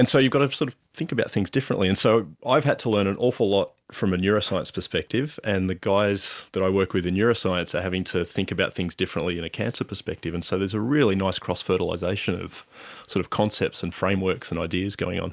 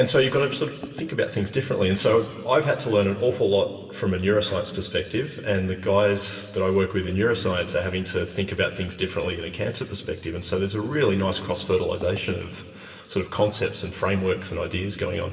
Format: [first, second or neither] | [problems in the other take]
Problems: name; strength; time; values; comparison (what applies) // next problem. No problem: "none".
first | background sound (Writing); 20 dB below the speech // room echo; dies away in 2 s